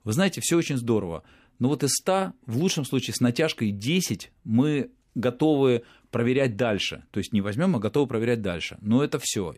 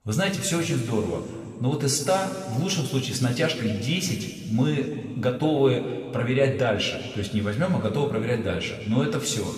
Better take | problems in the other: first | room echo; noticeable; dies away in 2 s // off-mic speech; somewhat distant

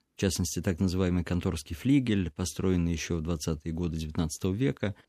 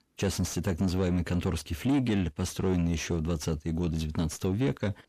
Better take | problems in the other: first | distortion; slight; 10 dB below the speech

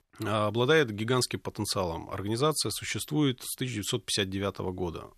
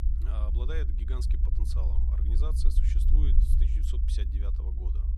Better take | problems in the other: first | low rumble; loud; throughout; 2 dB below the speech

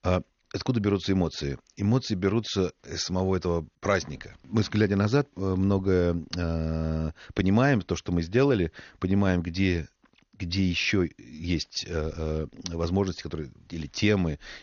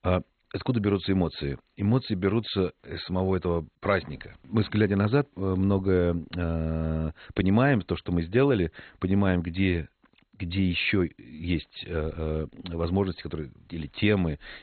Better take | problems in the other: first | garbled, watery; badly; nothing above 4 kHz; slightly in the first

